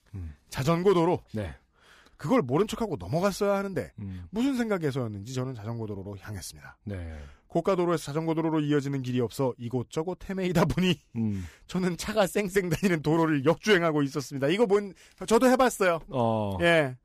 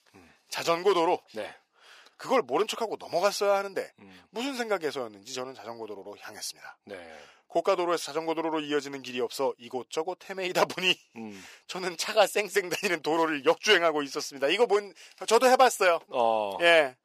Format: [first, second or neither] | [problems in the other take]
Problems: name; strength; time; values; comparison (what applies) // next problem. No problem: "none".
first | thin; somewhat; fading below 500 Hz